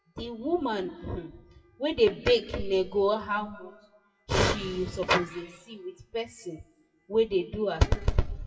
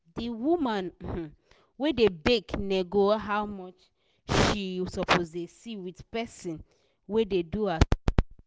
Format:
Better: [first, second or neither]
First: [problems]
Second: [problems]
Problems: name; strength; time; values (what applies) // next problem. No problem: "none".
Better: second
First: noise reduction (classical method WPE with log-MMSE)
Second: none